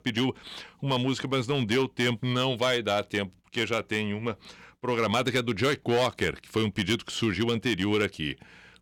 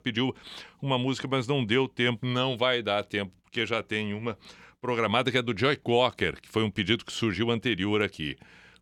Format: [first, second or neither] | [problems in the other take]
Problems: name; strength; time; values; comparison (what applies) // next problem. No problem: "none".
second | distortion; slight; 5% of the sound clipped